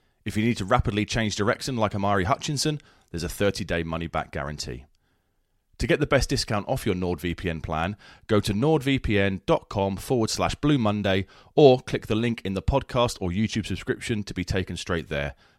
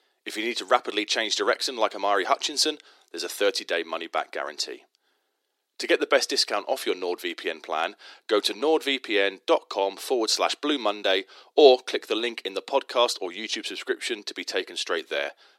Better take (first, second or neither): first